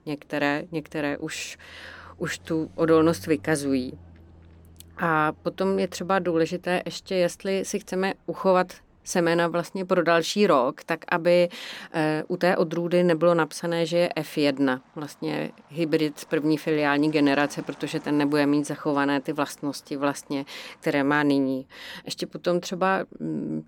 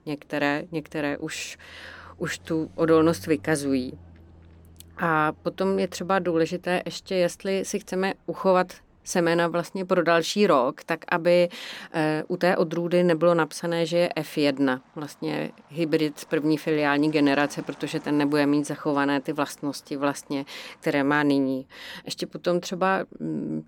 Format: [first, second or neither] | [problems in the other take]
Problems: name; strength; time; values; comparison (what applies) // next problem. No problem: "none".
neither | traffic noise; faint; throughout; 30 dB below the speech; the same in both